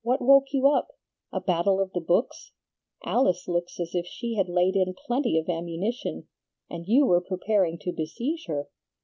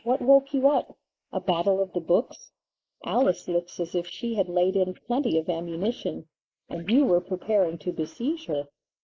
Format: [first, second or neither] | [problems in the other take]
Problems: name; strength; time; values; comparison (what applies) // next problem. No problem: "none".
first | noise reduction (neural mask model Resemble Enhance denoiser)